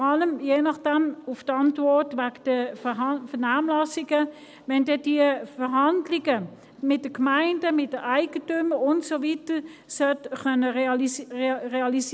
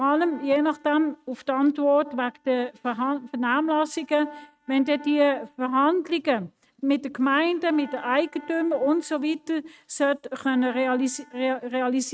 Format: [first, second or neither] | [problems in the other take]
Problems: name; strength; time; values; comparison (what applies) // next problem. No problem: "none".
first | noise reduction (neural mask model RNNoise)